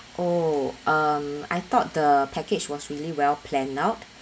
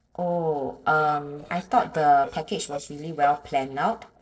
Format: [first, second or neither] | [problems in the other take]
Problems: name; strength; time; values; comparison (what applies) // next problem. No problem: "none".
first | noise reduction (neural separator model SepFormer DNS4)